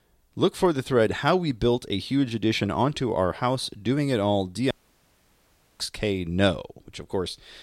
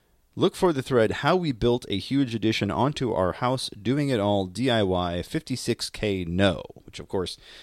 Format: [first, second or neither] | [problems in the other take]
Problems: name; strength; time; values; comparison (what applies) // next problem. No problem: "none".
second | audio cutting out; at 4.5 s for 1 s